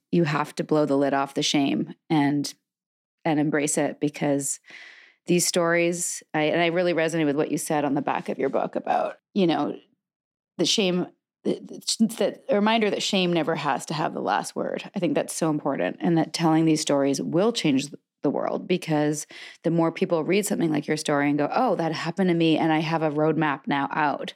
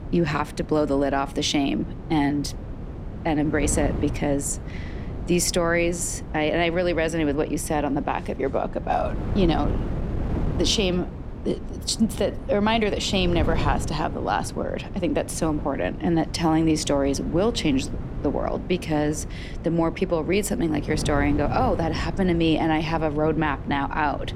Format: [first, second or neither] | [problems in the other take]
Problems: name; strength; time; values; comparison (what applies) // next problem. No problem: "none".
first | wind noise on the microphone; occasional gusts; 15 dB below the speech